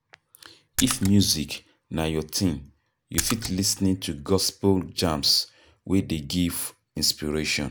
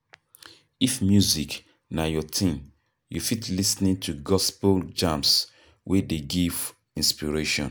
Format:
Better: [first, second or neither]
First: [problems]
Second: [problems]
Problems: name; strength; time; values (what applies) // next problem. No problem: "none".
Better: second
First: background sound (Splash, splatter); 7 dB below the speech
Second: none